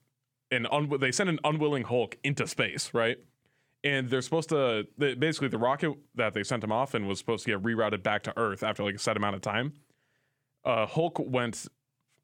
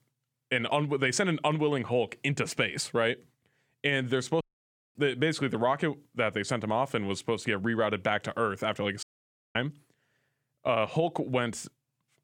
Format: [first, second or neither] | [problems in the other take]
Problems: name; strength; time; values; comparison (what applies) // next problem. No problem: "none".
first | audio cutting out; at 4.5 s for 0.5 s and at 9 s for 0.5 s